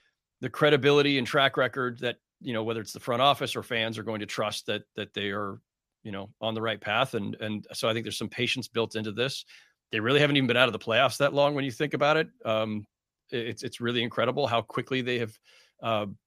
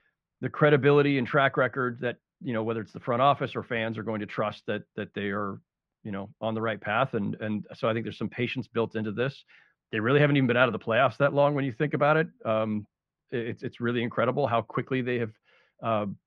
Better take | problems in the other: first | muffled; very; fading above 1.5 kHz

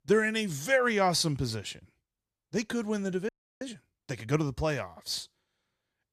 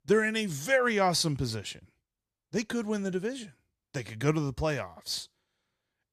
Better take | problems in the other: second | audio freezing; at 3.5 s

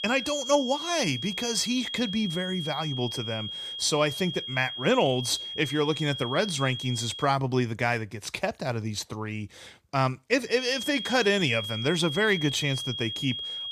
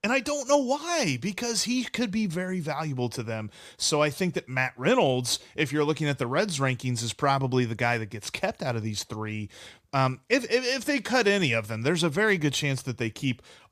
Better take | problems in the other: second | high-pitched whine; loud; until 7 s and from 11 s on; 3.5 kHz, 6 dB below the speech

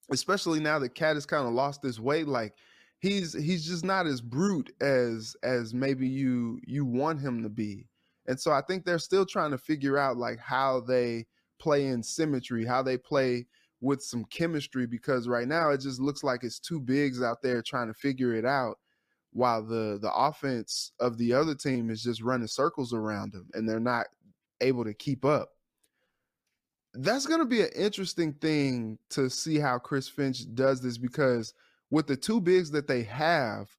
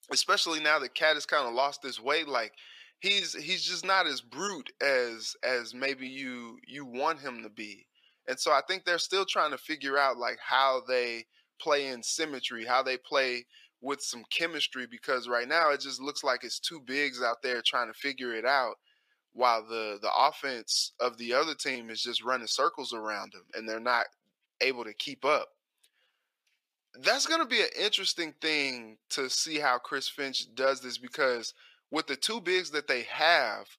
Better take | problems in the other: first | thin; very; fading below 600 Hz

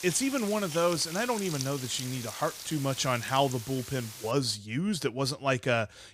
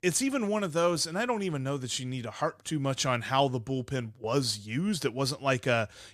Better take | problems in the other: second | hiss; loud; until 4.5 s; 9 dB below the speech

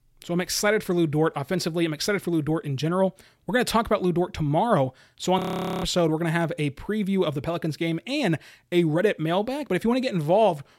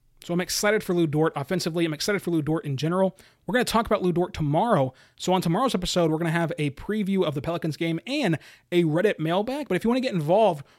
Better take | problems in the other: second | audio freezing; at 5.5 s

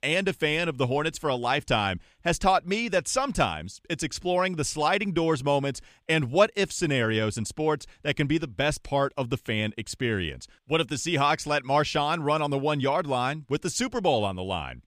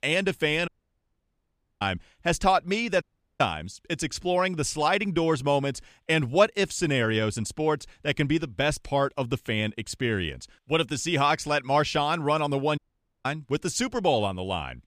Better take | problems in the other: first | audio cutting out; at 0.5 s for 1 s, at 3 s and at 13 s

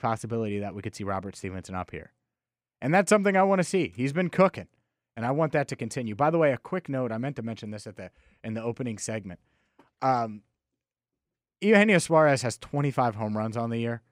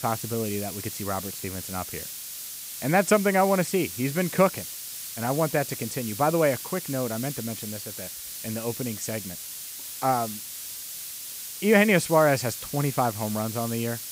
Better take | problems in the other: first | hiss; loud; throughout; 8 dB below the speech

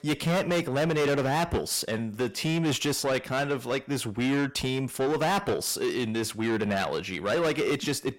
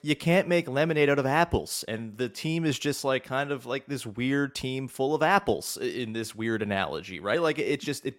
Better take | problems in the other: second | distortion; heavy; 6 dB below the speech

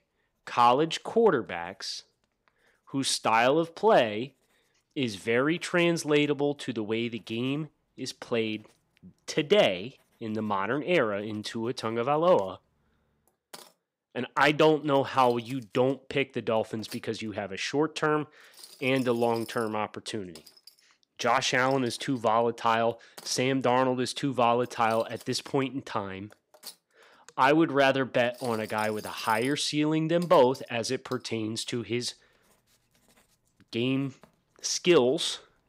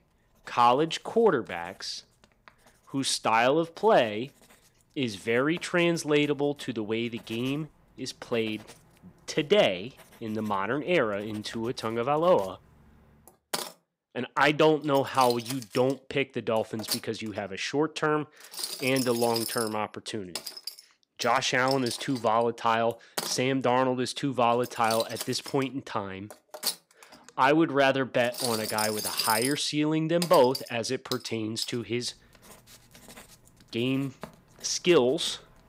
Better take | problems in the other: first | household noises; loud; throughout; 8 dB below the speech; faint in the first

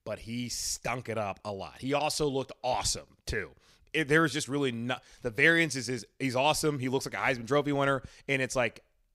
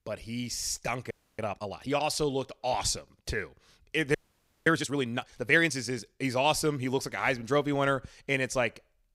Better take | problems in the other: first | audio freezing; at 1 s and at 4 s for 0.5 s

